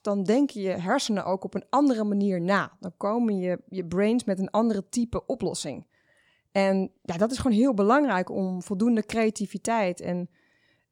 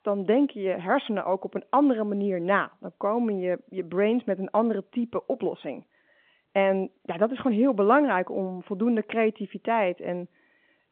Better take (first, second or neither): first